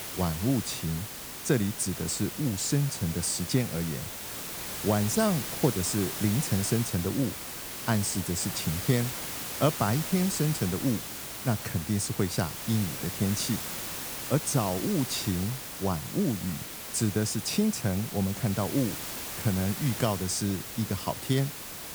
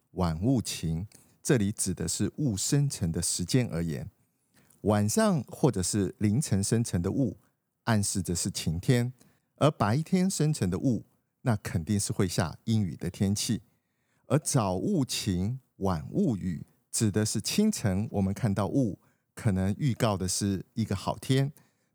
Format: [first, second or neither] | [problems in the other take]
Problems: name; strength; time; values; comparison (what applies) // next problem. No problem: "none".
second | hiss; loud; throughout; 5 dB below the speech